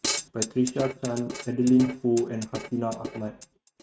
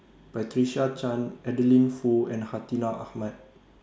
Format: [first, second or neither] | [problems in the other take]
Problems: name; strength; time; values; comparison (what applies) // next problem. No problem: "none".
second | noise reduction (neural mask model RNNoise)